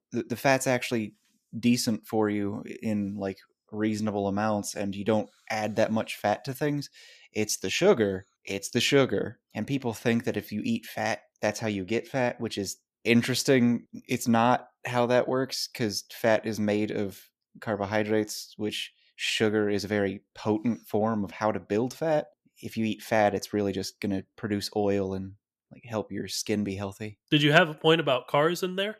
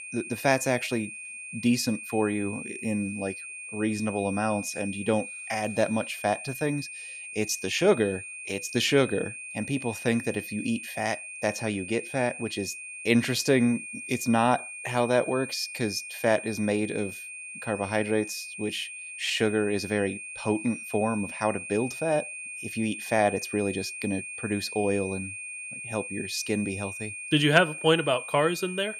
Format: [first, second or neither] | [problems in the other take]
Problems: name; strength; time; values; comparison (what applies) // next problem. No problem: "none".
first | high-pitched whine; loud; throughout; 2.5 kHz, 9 dB below the speech